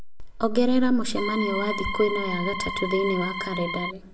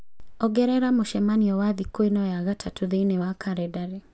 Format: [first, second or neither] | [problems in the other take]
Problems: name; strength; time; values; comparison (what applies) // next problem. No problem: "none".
second | background sound (Organ); 6 dB below the speech // room echo; dies away in 0.7 s